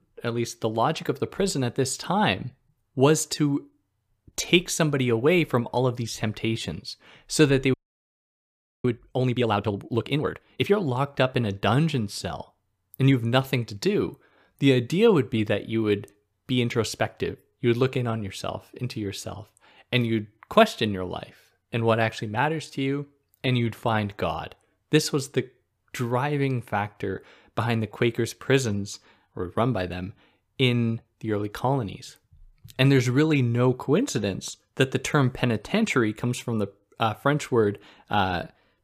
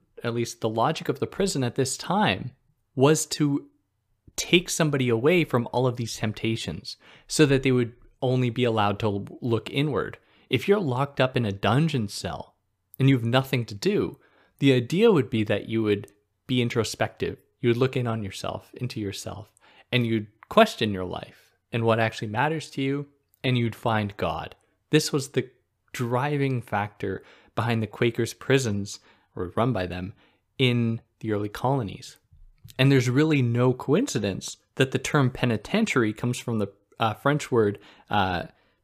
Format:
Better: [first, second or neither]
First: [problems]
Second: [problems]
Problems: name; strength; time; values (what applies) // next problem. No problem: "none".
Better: second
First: audio freezing; at 7.5 s for 1 s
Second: none